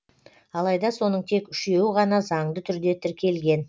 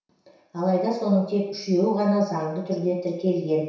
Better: first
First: none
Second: room echo; dies away in 0.7 s

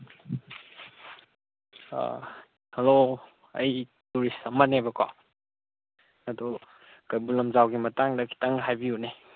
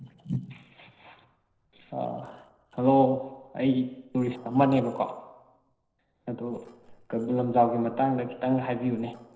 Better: first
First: none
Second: noise reduction (neural separator model SepFormer DNS4)

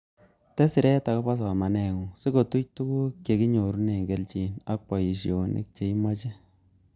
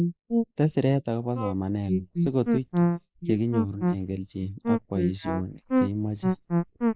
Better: first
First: none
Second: noise reduction (neural mask model Resemble Enhance denoiser)

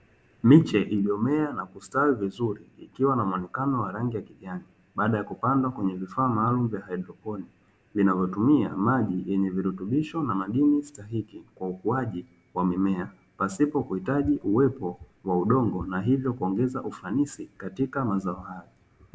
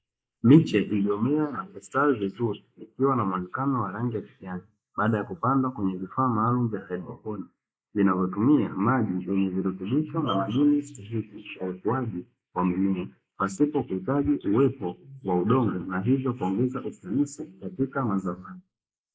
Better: first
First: none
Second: noise reduction (neural mask model Resemble Enhance denoiser)

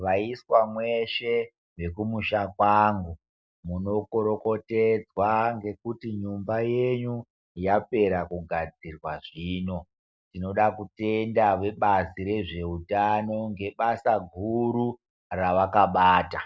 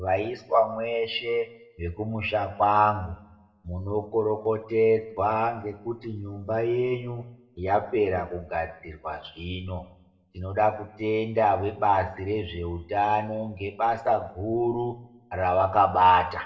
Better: first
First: none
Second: room echo; dies away in 0.7 s

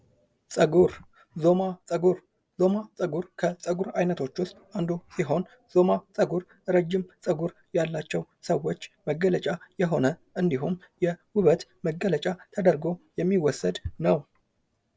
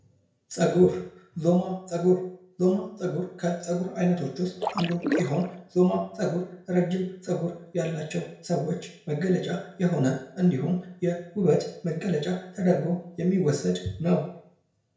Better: first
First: none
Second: background sound (Splash, splatter); 4 dB below the speech // room echo; dies away in 0.5 s

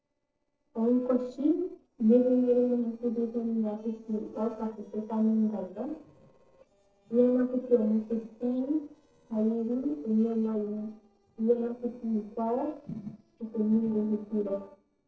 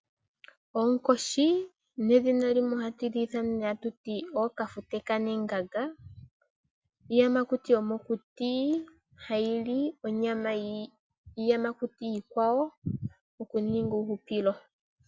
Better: second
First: noise reduction (neural separator model SepFormer DNS4)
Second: none

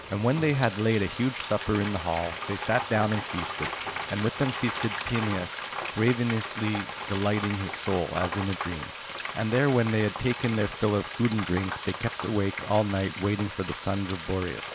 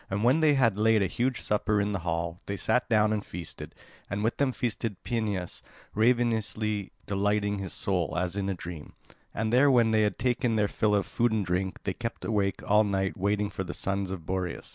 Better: second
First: background sound (Frying (food)); 8 dB below the speech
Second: none

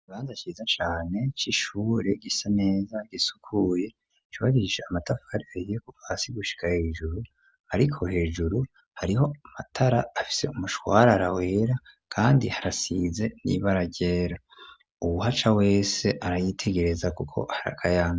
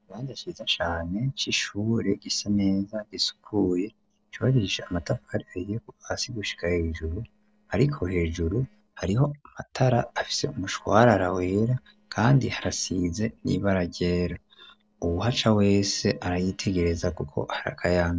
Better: first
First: none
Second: noise reduction (neural separator model SepFormer DNS4)

